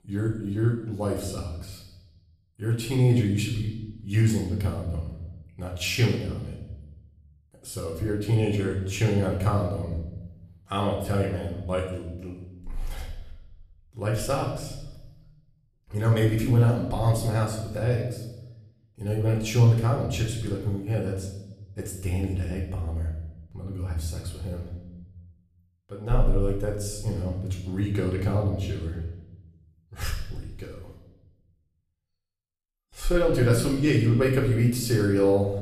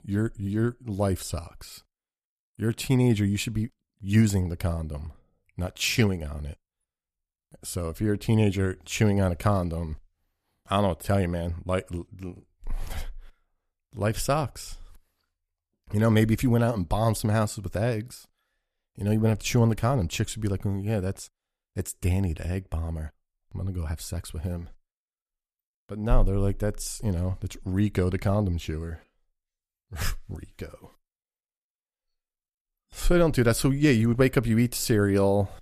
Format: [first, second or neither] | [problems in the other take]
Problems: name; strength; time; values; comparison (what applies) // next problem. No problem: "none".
second | room echo; noticeable; dies away in 0.9 s // off-mic speech; far